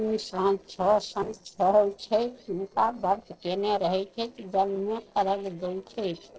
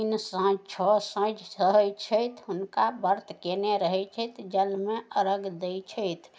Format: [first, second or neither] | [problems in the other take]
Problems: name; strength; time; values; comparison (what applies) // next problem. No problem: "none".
second | noise reduction (neural separator model SepFormer DNS4)